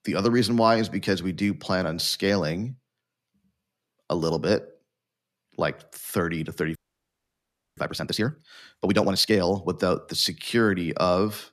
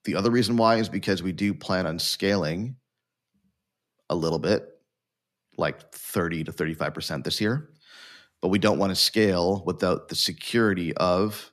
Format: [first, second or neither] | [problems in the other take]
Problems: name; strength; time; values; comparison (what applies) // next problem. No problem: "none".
second | audio freezing; at 7 s for 1 s